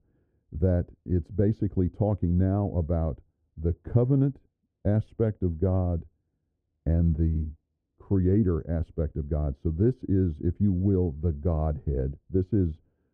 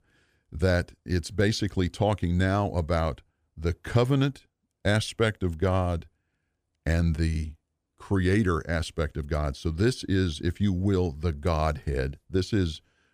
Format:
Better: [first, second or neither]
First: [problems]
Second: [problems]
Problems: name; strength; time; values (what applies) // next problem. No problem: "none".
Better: second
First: muffled; very; fading above 1.5 kHz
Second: none